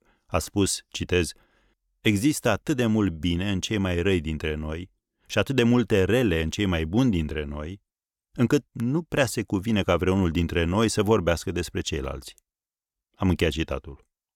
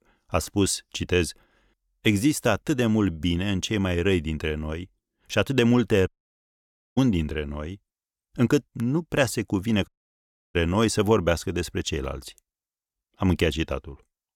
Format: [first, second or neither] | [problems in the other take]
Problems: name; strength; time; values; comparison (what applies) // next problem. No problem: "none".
first | audio cutting out; at 6 s for 1 s and at 10 s for 0.5 s